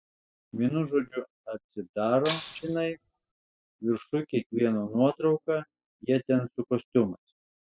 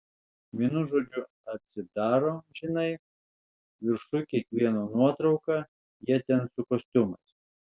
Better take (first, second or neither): second